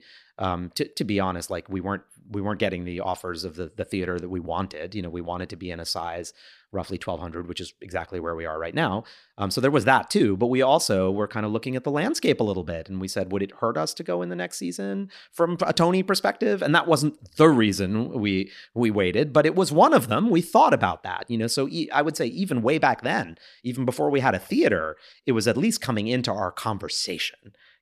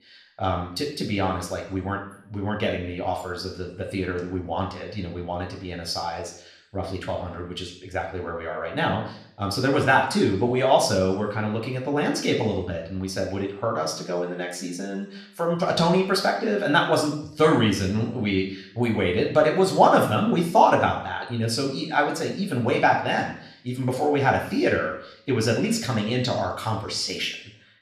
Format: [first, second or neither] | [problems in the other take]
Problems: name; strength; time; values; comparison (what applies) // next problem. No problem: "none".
first | room echo; noticeable; dies away in 0.6 s // off-mic speech; somewhat distant